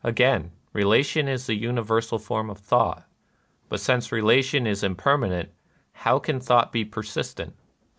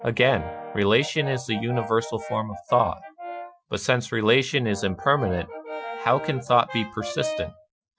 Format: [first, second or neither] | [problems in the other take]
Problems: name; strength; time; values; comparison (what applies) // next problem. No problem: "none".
first | noise reduction (classical method Wiener filter)